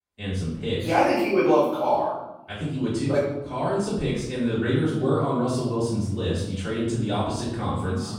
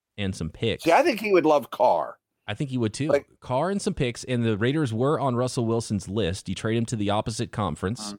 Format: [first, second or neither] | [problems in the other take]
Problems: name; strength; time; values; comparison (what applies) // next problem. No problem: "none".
second | off-mic speech; far // room echo; noticeable; dies away in 0.8 s